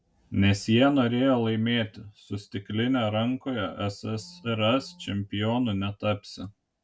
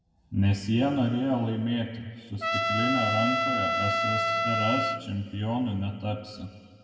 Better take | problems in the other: first | background sound (Trumpet); 1 dB above the speech // room echo; dies away in 2 s

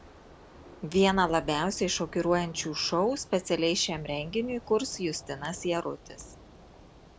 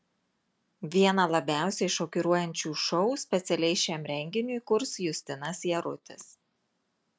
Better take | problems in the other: second | background sound (Thunder / Rain); 19 dB below the speech

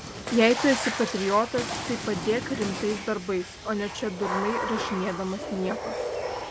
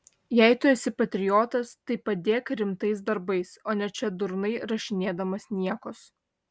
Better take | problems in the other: second | background sound (Water / Splash, splatter); 5 dB below the speech

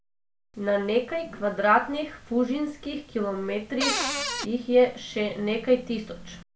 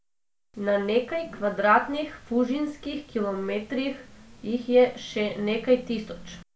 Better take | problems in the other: second | background sound (Cupboard open or close); 1 dB below the speech

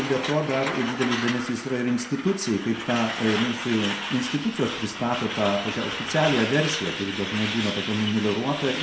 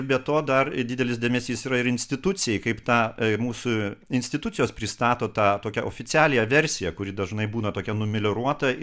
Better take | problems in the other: second | background sound (Truck); 6 dB below the speech // room echo; dies away in 0.6 s

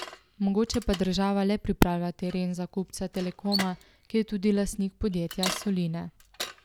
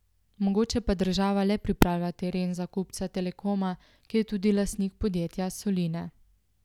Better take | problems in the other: second | background sound (Bicycle); 12 dB below the speech

